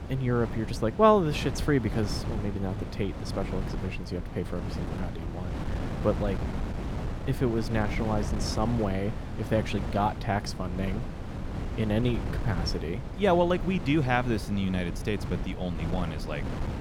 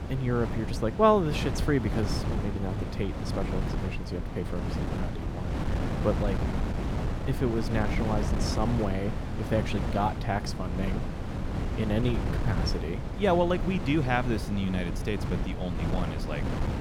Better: first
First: wind noise on the microphone; occasional gusts; 10 dB below the speech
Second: wind noise on the microphone; heavy; 7 dB below the speech

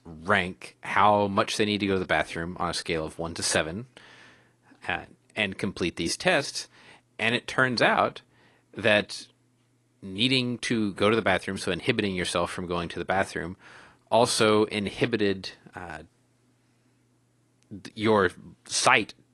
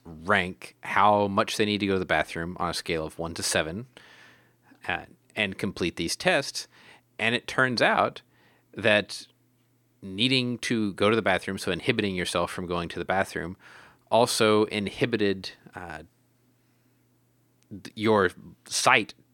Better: second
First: garbled, watery; slightly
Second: none

